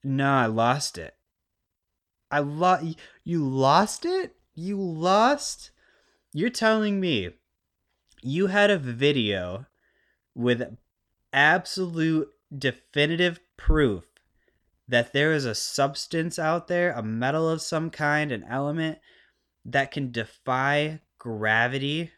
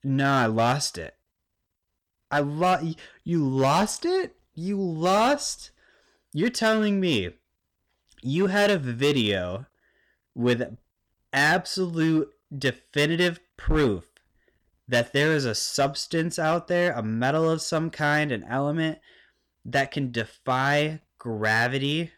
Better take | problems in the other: first | distortion; slight; 4% of the sound clipped

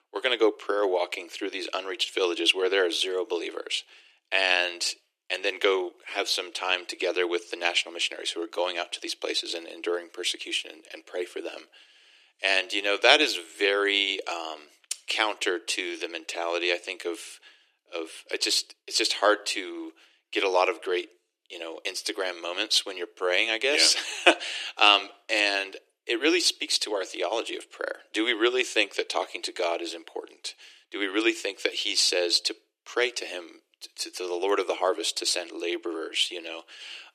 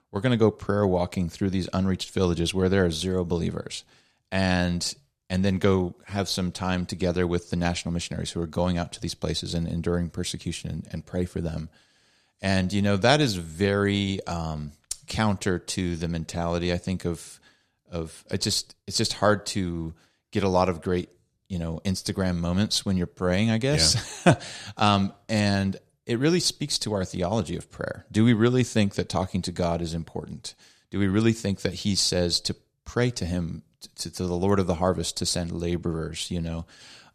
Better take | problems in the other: second | thin; very; fading below 300 Hz

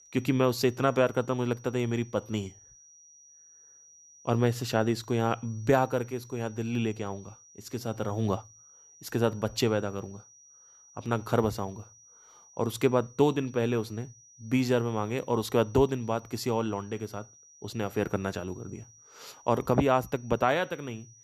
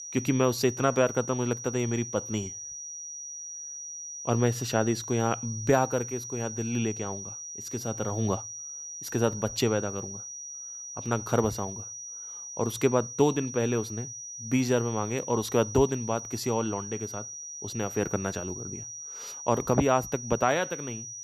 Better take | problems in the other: first | high-pitched whine; loud; throughout; 6 kHz, 9 dB below the speech; faint in the first

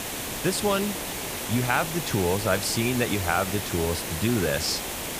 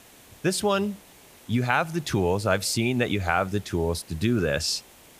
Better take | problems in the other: second | hiss; loud; throughout; 4 dB below the speech; faint in the second

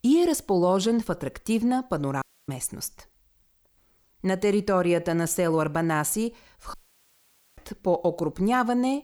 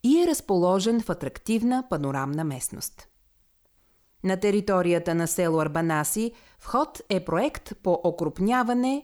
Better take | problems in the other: second | audio cutting out; at 2 s and at 6.5 s for 1 s

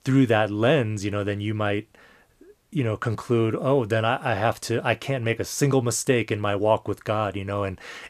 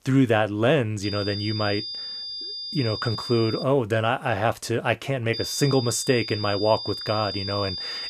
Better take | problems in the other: first | high-pitched whine; loud; from 1 to 3.5 s and from 5.5 s on; 5 kHz, 6 dB below the speech

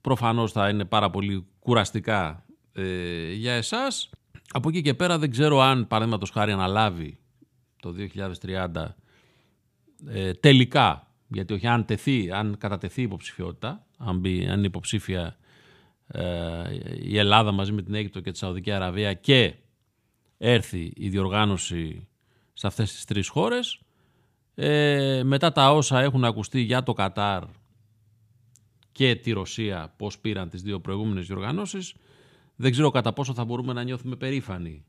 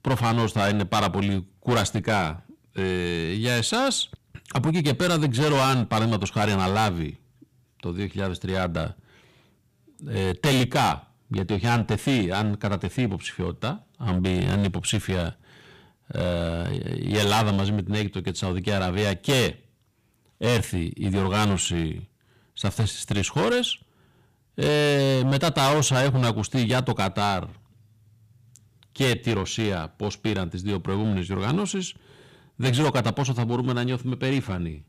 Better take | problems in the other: first | distortion; heavy; 11% of the sound clipped

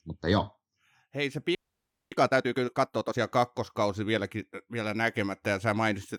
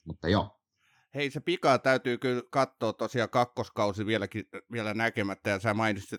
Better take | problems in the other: second | audio freezing; at 1.5 s for 0.5 s

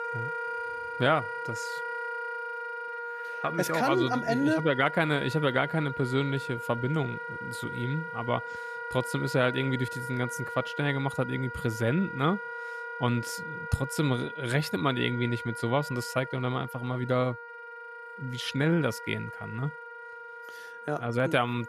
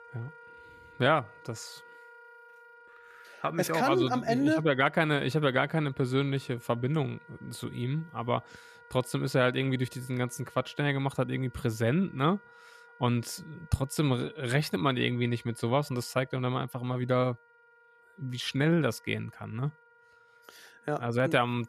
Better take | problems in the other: second | background music; loud; throughout; 8 dB below the speech; faint in the second

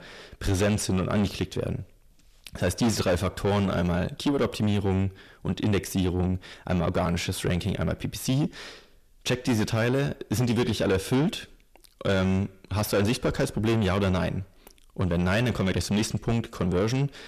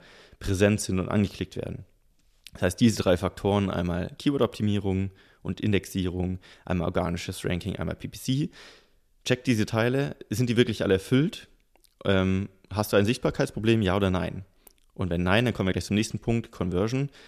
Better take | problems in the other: second | distortion; heavy; 6 dB below the speech

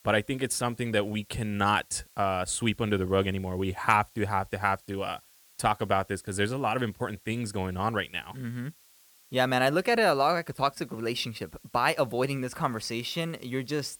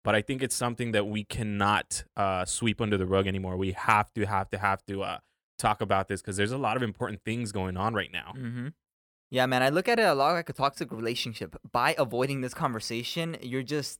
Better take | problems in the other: second | hiss; faint; throughout; 25 dB below the speech

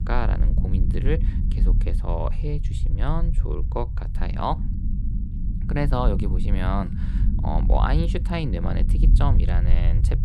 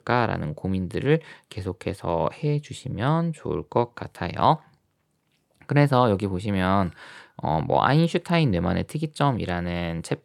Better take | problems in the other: second | low rumble; loud; throughout; 9 dB below the speech

